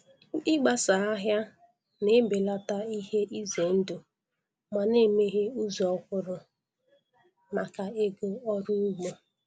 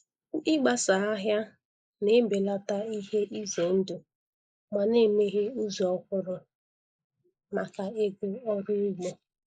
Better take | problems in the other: first | noise reduction (neural mask model Resemble Enhance denoiser)

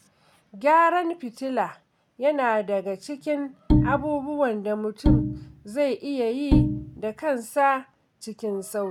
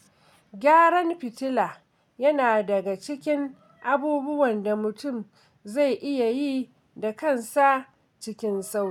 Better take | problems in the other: second | background sound (Bowed string instrument); 2 dB above the speech

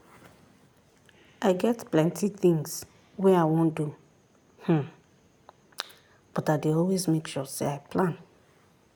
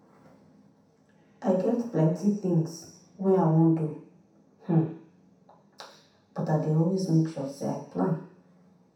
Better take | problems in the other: first | room echo; dies away in 0.7 s

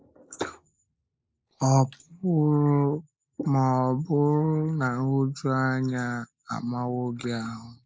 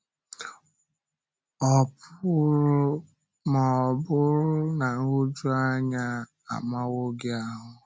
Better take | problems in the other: second | noise reduction (neural mask model Resemble Enhance denoiser)

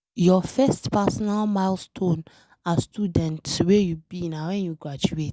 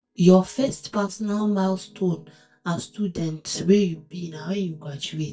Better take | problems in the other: first | noise reduction (neural mask model DeepFilterNet 3)

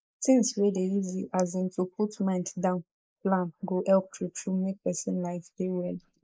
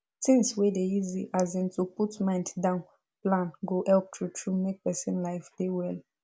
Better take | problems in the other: second | noise reduction (neural mask model Resemble Enhance denoiser)

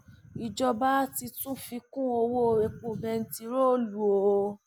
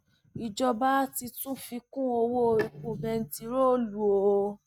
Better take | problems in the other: first | noise reduction (neural mask model RNNoise)

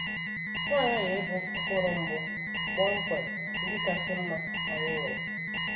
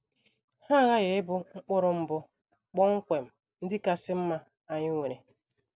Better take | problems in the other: second | background sound (Alarm); 1 dB above the speech // room echo; dies away in 1.9 s

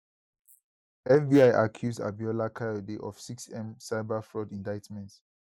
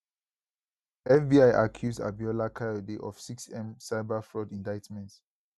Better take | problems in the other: second | noise reduction (neural mask model Resemble Enhance denoiser)

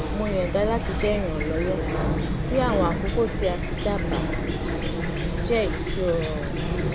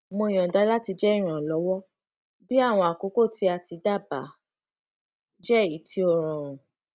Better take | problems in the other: second | background sound (Chirp, tweet / Fowl); 2 dB above the speech

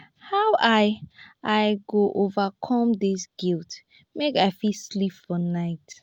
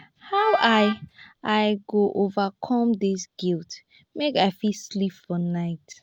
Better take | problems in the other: first | background sound (Wind instrument, woodwind instrument); 9 dB below the speech

